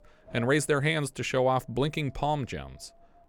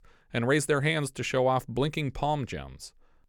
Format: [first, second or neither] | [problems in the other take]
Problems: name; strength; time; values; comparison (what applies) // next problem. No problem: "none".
second | wind noise on the microphone; occasional gusts; 25 dB below the speech